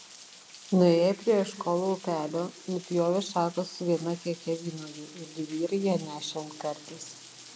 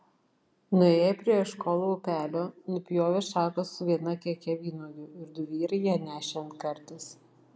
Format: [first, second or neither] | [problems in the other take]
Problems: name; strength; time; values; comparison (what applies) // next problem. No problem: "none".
second | background sound (Rain); 19 dB below the speech